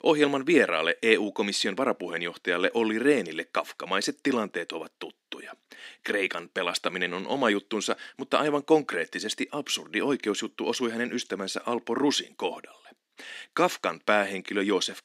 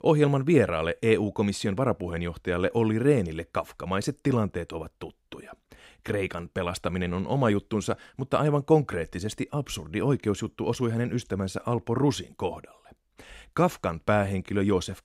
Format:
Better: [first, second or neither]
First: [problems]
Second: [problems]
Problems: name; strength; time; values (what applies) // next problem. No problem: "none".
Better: second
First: thin; very slightly; fading below 250 Hz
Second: none